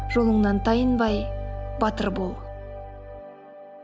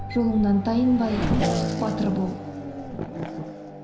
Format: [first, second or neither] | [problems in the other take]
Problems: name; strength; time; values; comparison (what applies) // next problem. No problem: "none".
first | background sound (Race car, auto racing / Accelerating, revving, vroom); 4 dB below the speech // room echo; dies away in 0.5 s